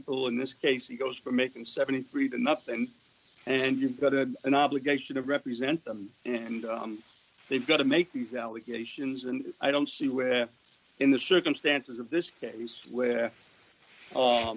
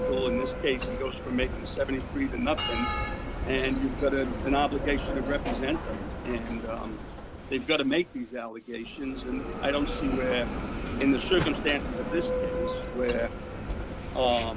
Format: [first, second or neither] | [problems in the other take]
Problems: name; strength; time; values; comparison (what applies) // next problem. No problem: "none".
first | background sound (Bell); 3 dB below the speech